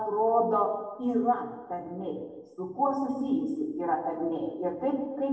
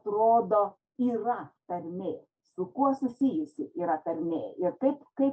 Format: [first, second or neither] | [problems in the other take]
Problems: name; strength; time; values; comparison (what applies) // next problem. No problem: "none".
second | room echo; dies away in 1 s